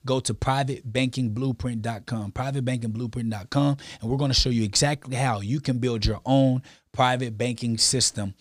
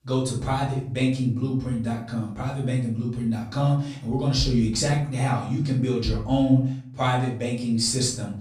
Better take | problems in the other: first | off-mic speech; far // room echo; slight; dies away in 0.5 s

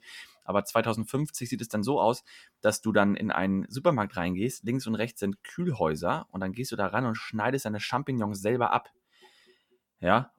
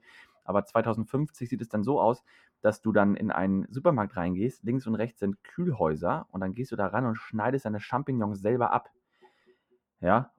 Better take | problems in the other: first | muffled; very; fading above 2 kHz

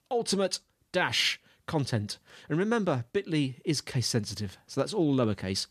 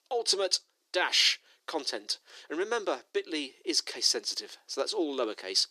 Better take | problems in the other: first | thin; very; fading below 350 Hz

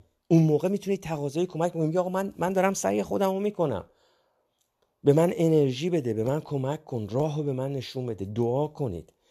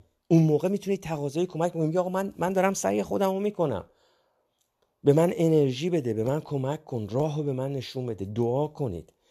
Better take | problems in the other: neither | none

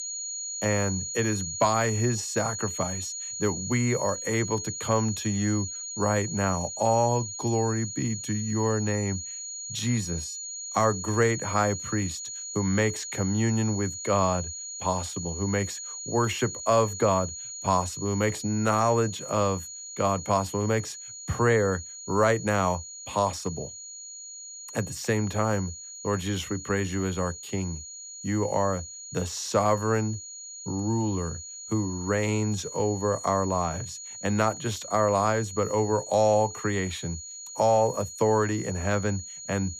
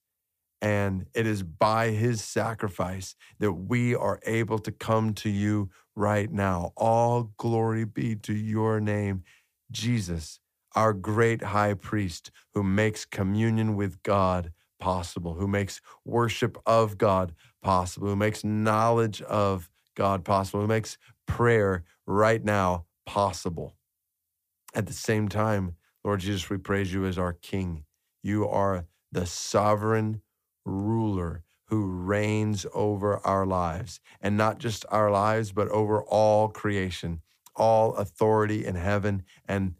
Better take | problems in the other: second | high-pitched whine; loud; throughout; 7 kHz, 8 dB below the speech

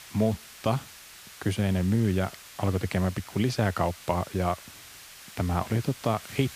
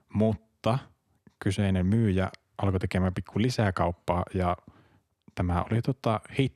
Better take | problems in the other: second | hiss; noticeable; throughout; 15 dB below the speech

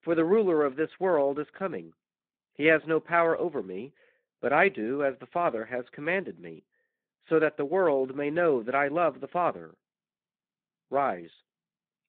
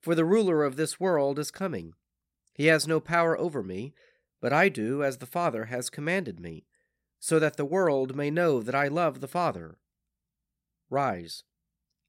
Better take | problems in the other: second | phone-call audio; nothing above 3.5 kHz

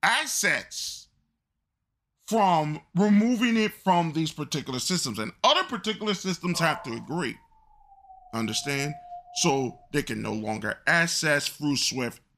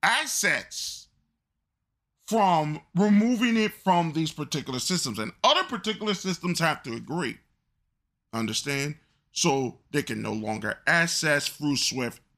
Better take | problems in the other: second | dog barking; faint; from 6.5 to 10 s; peak 10 dB below the speech

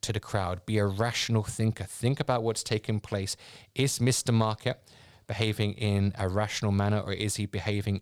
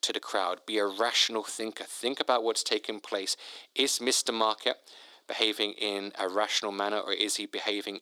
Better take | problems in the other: first | thin; very; fading below 300 Hz

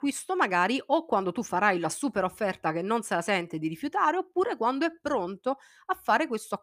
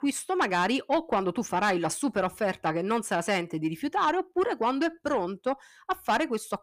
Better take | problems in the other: first | distortion; slight; 10 dB below the speech

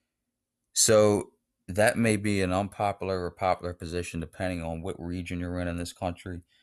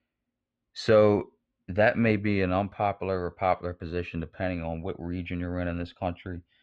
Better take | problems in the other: first | muffled; very; fading above 3.5 kHz

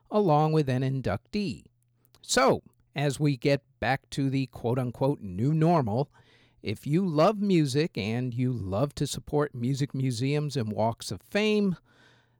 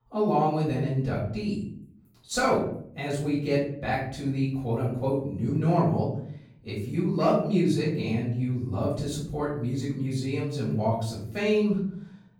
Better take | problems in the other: first | off-mic speech; far // room echo; noticeable; dies away in 0.7 s

